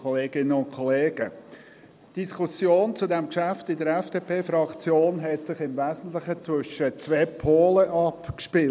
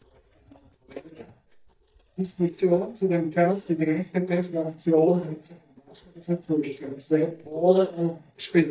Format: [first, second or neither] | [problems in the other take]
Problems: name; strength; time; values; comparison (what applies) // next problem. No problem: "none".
first | noise reduction (neural mask model DeepFilterNet 3)